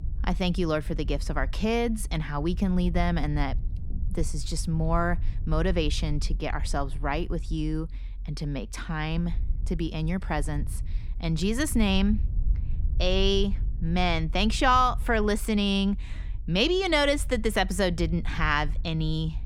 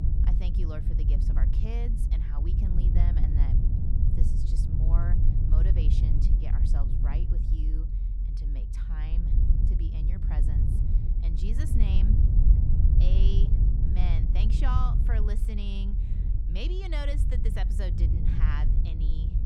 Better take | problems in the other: first | low rumble; loud; throughout; 1 dB below the speech; faint in the first

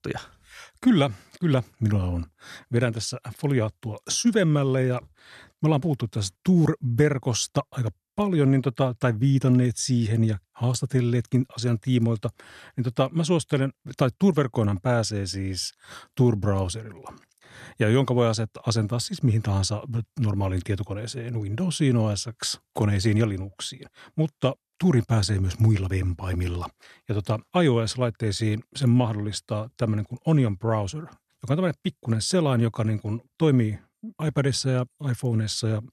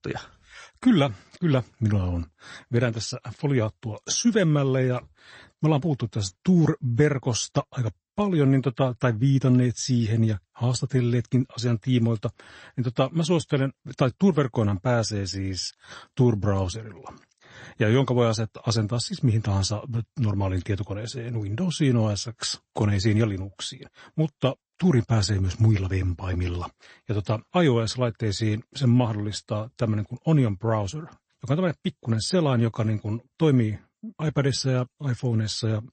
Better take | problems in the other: first | garbled, watery; slightly; nothing above 8 kHz

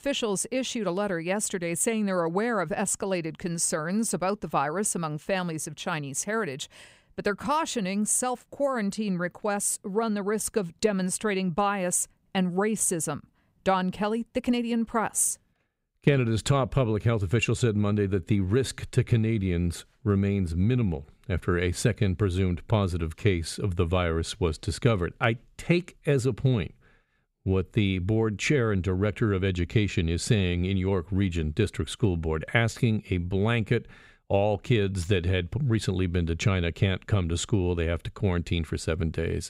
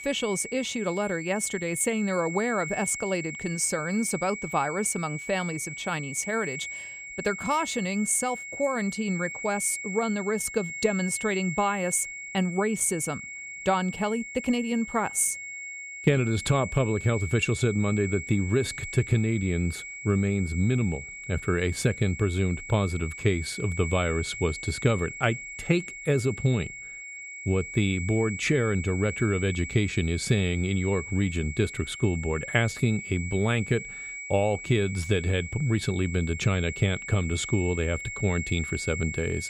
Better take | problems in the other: first | high-pitched whine; loud; throughout; 2 kHz, 9 dB below the speech

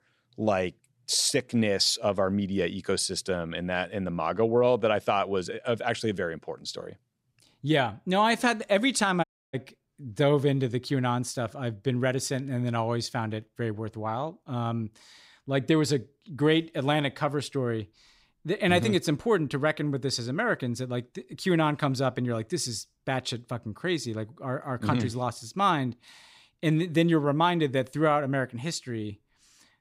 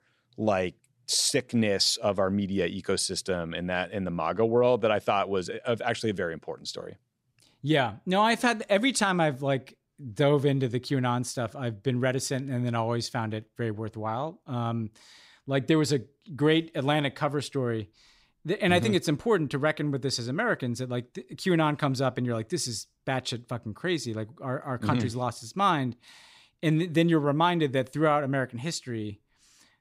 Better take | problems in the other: second | audio cutting out; at 9 s

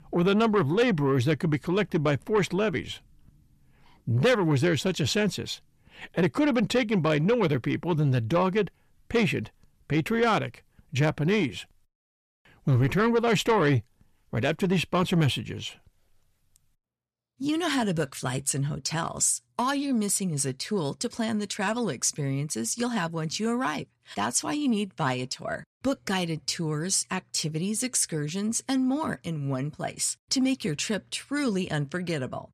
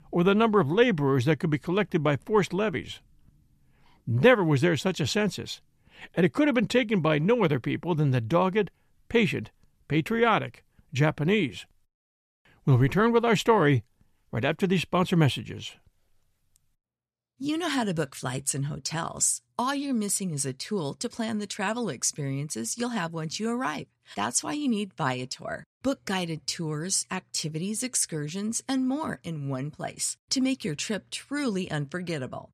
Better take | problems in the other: second | distortion; slight; 10 dB below the speech

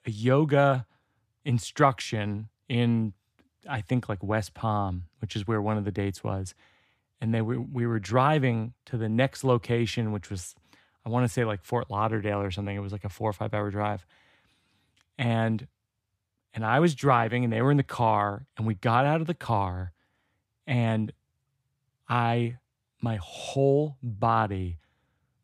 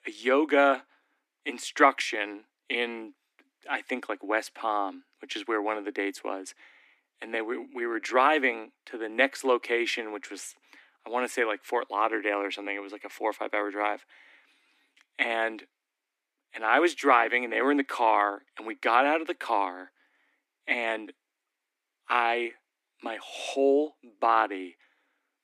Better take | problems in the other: first | thin; somewhat; fading below 250 Hz

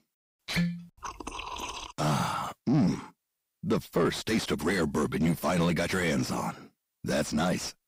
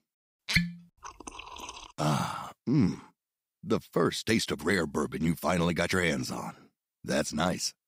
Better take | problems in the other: second | distortion; heavy; 7 dB below the speech

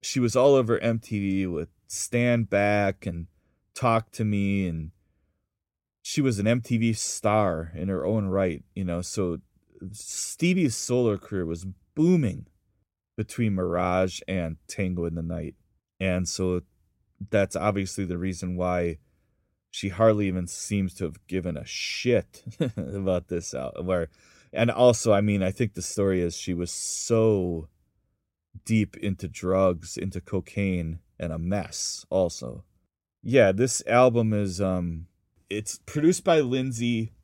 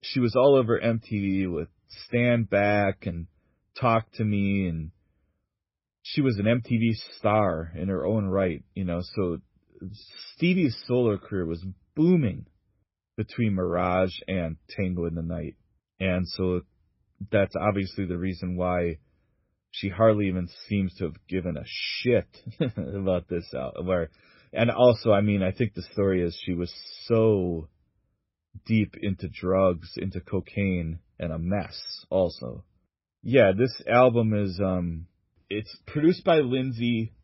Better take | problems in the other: first | garbled, watery; badly; nothing above 5.5 kHz

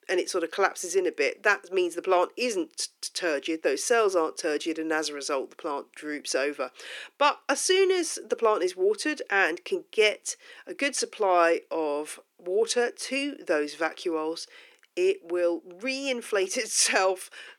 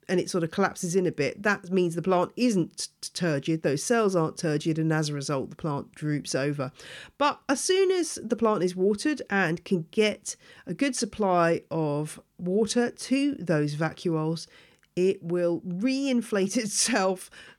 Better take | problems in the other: second | thin; somewhat; fading below 350 Hz

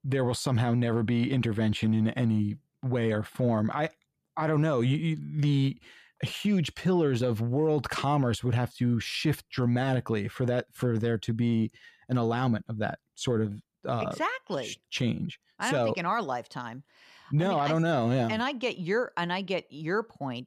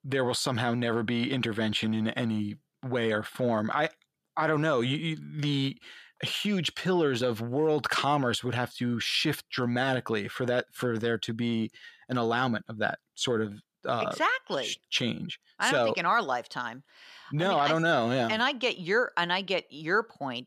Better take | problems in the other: first | thin; very slightly; fading below 350 Hz

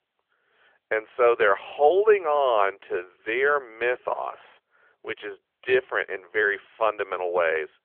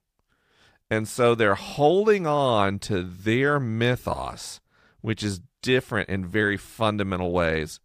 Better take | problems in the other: second | phone-call audio; nothing above 3.5 kHz

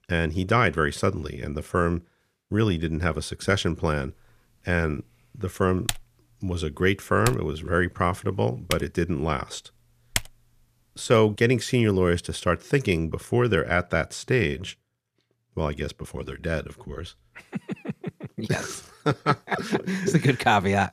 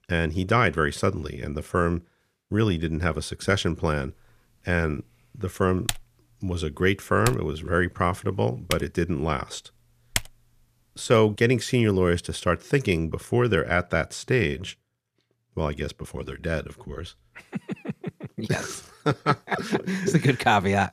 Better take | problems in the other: neither | keyboard typing; noticeable; from 6 to 10 s; peak 4 dB below the speech; the same in both

